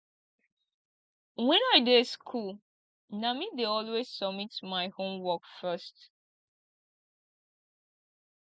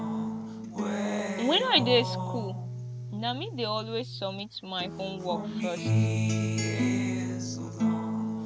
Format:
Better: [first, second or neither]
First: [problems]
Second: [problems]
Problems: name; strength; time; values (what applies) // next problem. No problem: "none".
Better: first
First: none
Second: background sound (Acoustic guitar); 2 dB above the speech